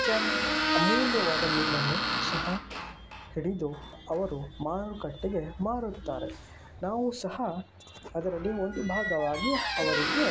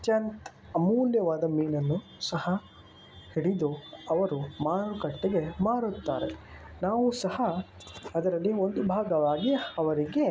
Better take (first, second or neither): second